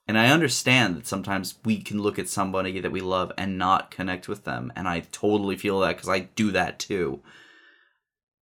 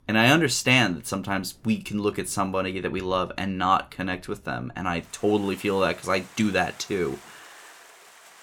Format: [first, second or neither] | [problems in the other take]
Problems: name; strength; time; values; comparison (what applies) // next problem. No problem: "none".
first | rain or running water; faint; throughout; 25 dB below the speech